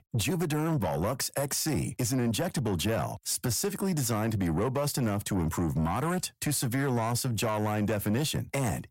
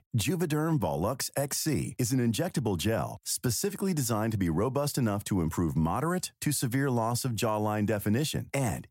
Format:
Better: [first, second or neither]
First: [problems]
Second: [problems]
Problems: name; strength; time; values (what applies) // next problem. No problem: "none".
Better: second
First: distortion; slight; 10 dB below the speech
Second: none